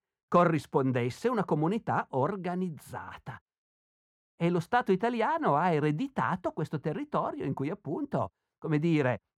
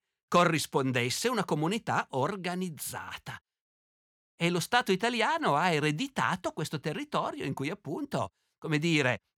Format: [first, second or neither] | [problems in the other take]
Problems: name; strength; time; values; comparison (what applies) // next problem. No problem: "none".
second | muffled; very; fading above 2 kHz